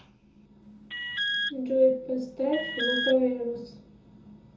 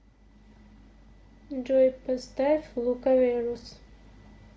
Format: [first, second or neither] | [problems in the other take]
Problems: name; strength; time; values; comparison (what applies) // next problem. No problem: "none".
second | background sound (Alarm); 3 dB below the speech // room echo; dies away in 0.5 s